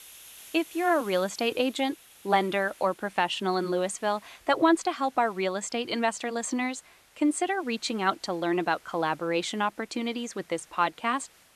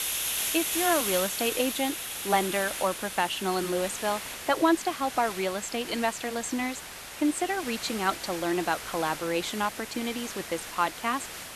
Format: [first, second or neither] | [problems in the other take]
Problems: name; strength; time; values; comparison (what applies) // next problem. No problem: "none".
first | hiss; loud; throughout; 4 dB below the speech; faint in the first